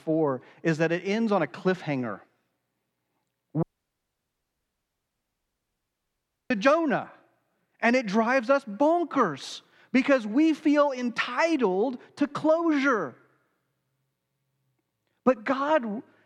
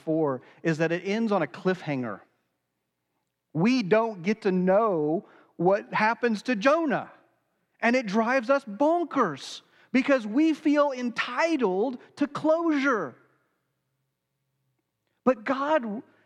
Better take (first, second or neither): second